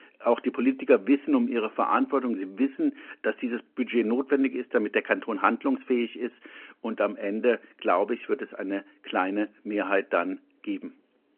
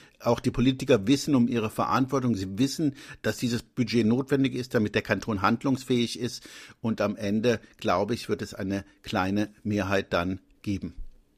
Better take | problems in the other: second | phone-call audio

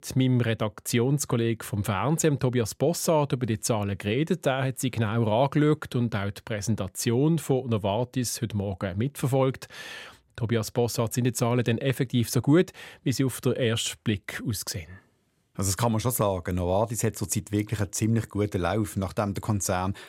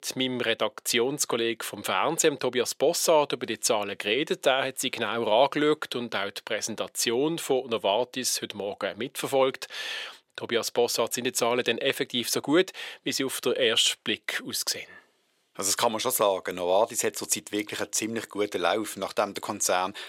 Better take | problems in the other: first | thin; somewhat; fading below 450 Hz

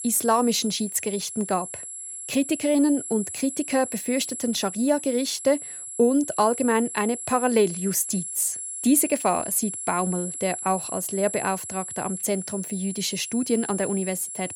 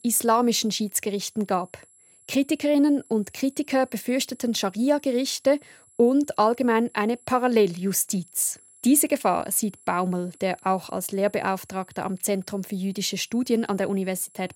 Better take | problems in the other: second | high-pitched whine; loud; throughout; 11 kHz, 7 dB below the speech; faint in the second

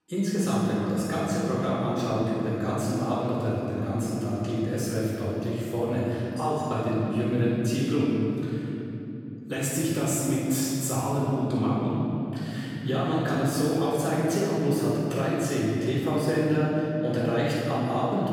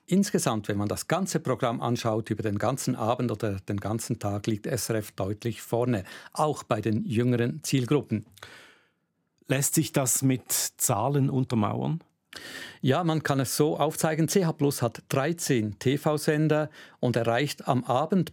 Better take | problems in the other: second | off-mic speech; far // room echo; strong; dies away in 3 s

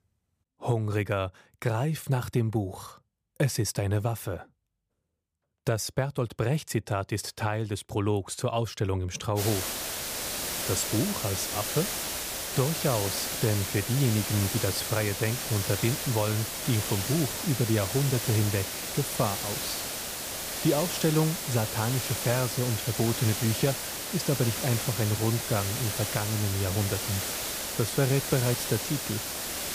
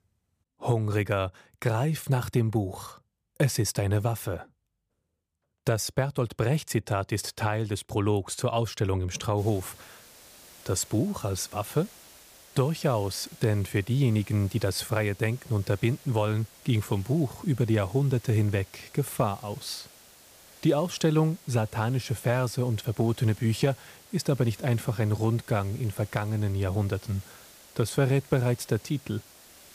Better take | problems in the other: second | hiss; loud; from 9.5 s on; 2 dB below the speech; faint in the second

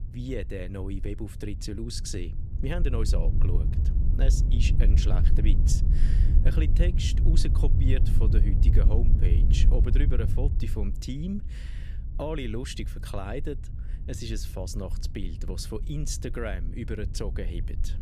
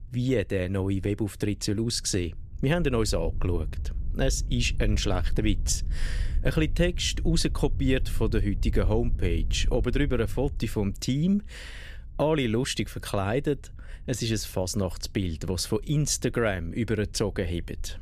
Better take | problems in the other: second | low rumble; loud; throughout; 6 dB below the speech; faint in the second

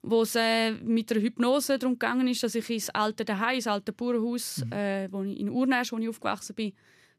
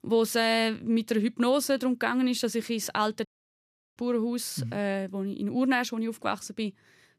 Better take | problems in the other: first | audio cutting out; at 3.5 s for 0.5 s

